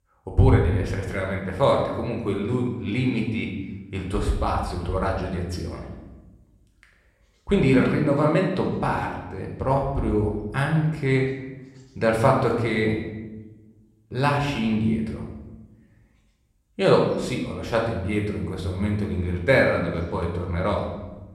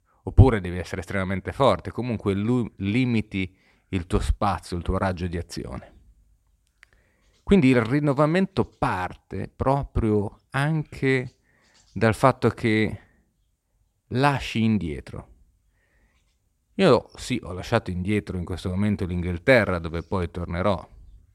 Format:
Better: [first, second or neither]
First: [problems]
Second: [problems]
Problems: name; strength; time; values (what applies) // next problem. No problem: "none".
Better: second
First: room echo; noticeable; dies away in 0.9 s // off-mic speech; somewhat distant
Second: none